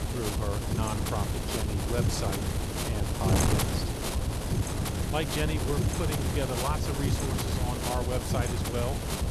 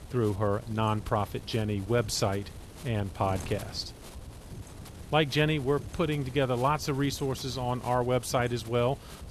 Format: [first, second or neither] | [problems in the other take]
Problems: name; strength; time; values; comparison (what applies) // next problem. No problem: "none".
second | wind noise on the microphone; heavy; 1 dB above the speech; occasional gusts in the second